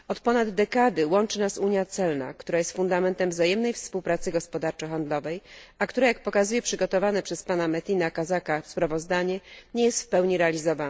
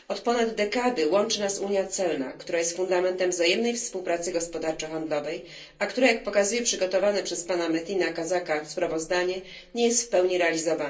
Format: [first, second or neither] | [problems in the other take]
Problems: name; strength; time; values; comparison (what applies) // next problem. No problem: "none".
first | room echo; dies away in 0.3 s